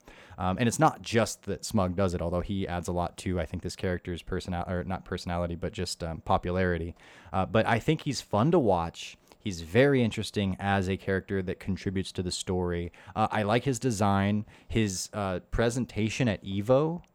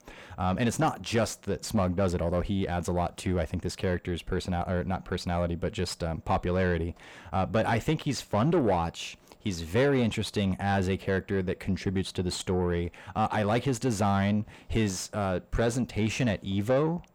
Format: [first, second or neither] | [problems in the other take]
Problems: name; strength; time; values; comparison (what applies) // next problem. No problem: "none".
first | distortion; slight; 10 dB below the speech